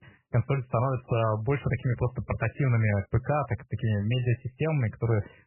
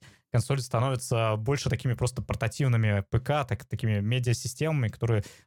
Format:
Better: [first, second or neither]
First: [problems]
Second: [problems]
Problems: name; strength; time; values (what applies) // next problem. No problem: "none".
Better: second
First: garbled, watery; badly; nothing above 3 kHz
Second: none